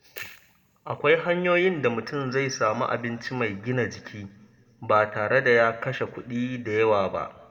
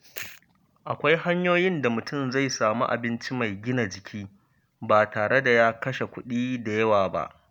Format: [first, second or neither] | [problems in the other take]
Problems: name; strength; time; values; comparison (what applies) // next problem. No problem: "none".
second | room echo; dies away in 1.9 s